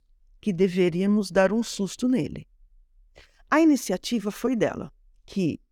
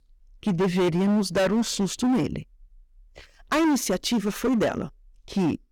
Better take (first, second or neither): first